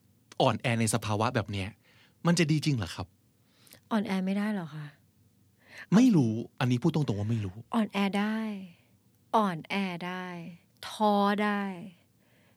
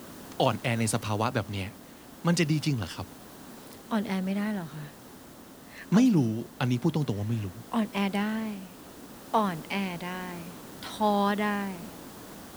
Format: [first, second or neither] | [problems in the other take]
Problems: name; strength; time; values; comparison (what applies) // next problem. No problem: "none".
first | hiss; noticeable; throughout; 15 dB below the speech